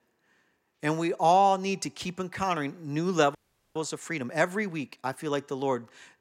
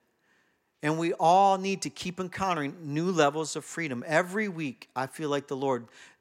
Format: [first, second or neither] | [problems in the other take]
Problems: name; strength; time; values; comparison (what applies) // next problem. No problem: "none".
second | audio freezing; at 3.5 s